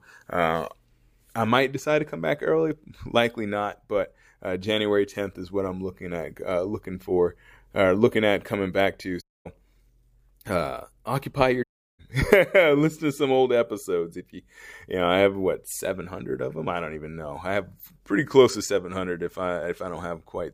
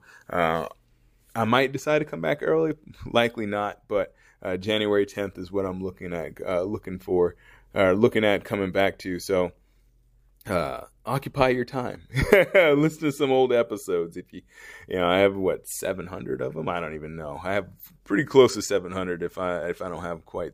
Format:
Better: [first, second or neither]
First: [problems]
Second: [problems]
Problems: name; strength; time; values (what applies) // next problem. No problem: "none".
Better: second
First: audio cutting out; at 9 s and at 12 s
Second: none